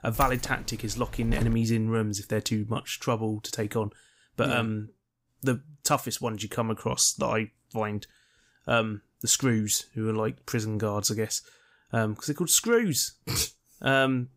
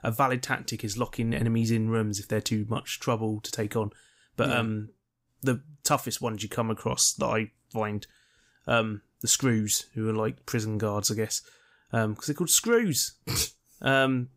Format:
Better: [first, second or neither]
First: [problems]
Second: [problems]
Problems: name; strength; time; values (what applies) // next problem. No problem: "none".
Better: second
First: jangling keys; noticeable; until 1.5 s; peak 9 dB below the speech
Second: none